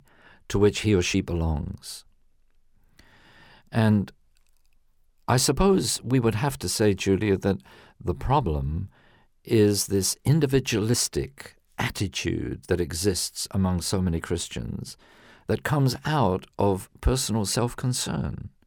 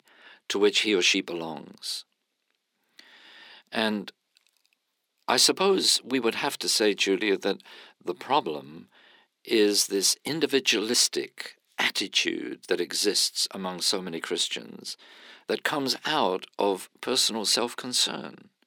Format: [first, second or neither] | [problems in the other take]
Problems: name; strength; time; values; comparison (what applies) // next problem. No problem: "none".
first | thin; somewhat; fading below 250 Hz